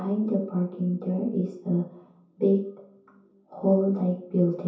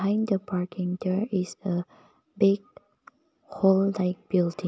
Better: second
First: room echo; dies away in 0.6 s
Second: none

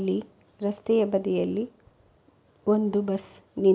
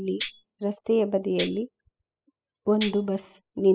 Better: first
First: none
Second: noise reduction (classical method spectral subtraction)

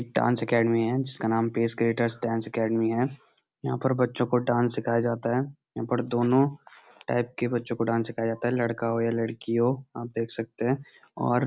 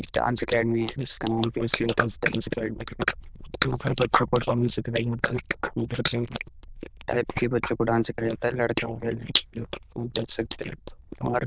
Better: first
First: none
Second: noise reduction (neural diffusion model UNIVERSE++)

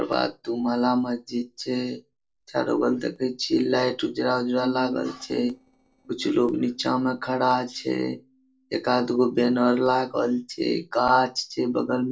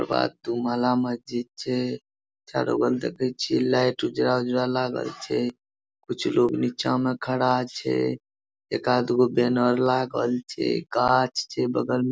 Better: second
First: noise reduction (neural separator model SepFormer DNS4)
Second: none

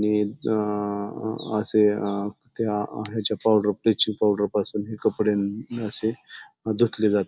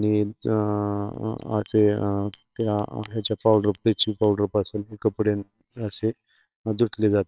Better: first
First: none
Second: noise reduction (neural separator model SepFormer WHAMR!)

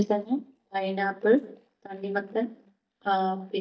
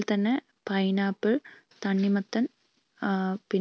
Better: second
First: noise reduction (neural mask model DeepFilterNet 3)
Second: none

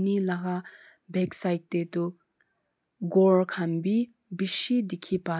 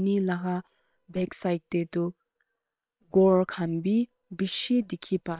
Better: first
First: none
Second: noise reduction (neural separator model SepFormer WHAM!)

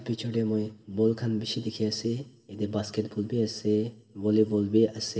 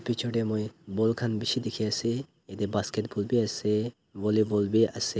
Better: second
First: room echo; dies away in 0.9 s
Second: none

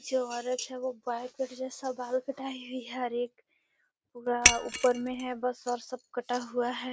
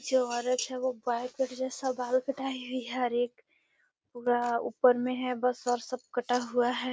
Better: second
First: background sound (Shatter); 5 dB above the speech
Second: none

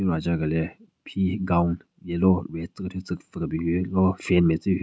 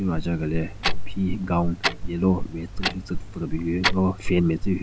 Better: first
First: none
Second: background sound (Clock); 1 dB below the speech

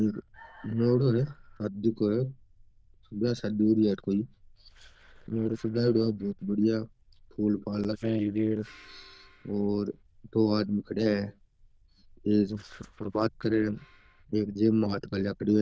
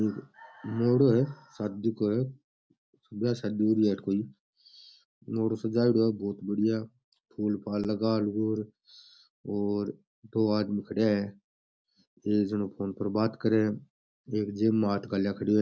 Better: second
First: noise reduction (neural diffusion model UNIVERSE++)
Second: none

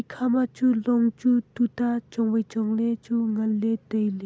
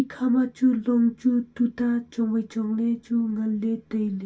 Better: first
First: none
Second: room echo; dies away in 0.2 s

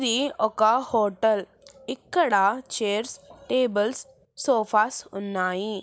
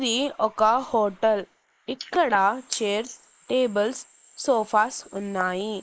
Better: first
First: none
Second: noise reduction (neural mask model Resemble Enhance denoiser)

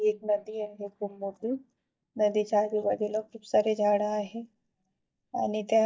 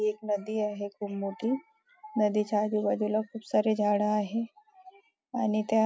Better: second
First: noise reduction (neural mask model DeepFilterNet 3)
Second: none

